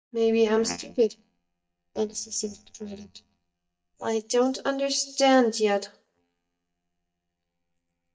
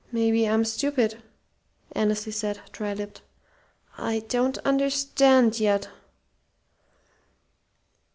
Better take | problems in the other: second | noise reduction (neural mask model DeepFilterNet 3)

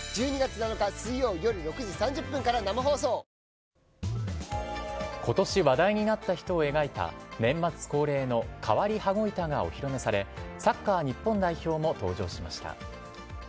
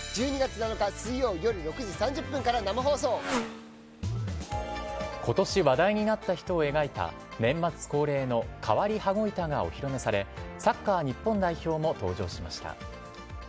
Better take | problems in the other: first | background sound (Motorcycle); 17 dB below the speech

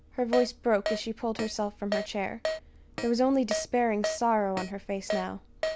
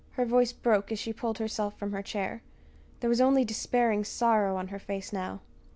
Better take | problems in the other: second | background sound (Keyboard (musical)); 7 dB below the speech

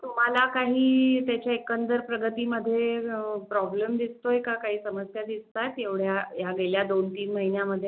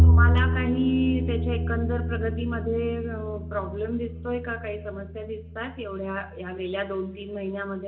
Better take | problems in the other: first | background sound (Bowed string instrument); 4 dB above the speech // room echo; dies away in 2 s

